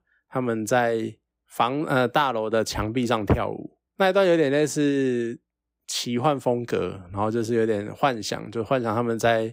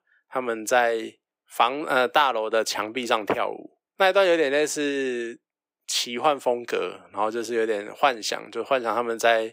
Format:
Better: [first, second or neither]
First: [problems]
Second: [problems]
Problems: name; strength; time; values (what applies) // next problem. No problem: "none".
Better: first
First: none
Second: thin; somewhat; fading below 450 Hz